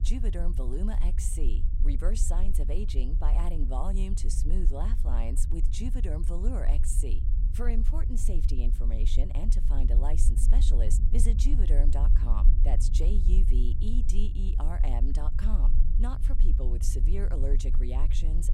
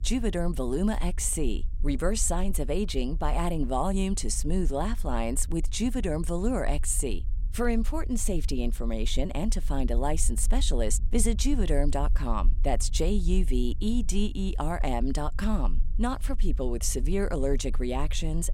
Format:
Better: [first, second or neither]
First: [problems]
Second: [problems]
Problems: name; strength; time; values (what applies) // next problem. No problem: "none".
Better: second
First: low rumble; loud; throughout; 8 dB below the speech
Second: low rumble; faint; throughout; 25 dB below the speech